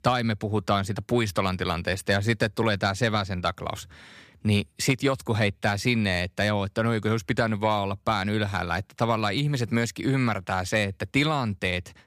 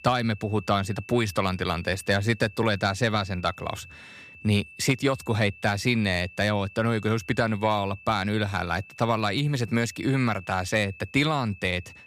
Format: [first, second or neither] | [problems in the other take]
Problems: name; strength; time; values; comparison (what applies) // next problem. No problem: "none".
first | high-pitched whine; noticeable; throughout; 2.5 kHz, 20 dB below the speech